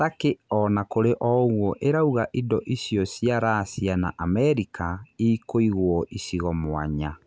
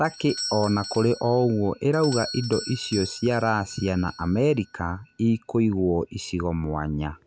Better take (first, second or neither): first